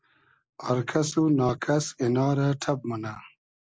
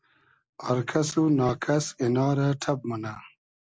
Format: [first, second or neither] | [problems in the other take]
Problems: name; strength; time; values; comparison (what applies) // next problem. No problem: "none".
second | noise reduction (neural mask model Resemble Enhance denoiser)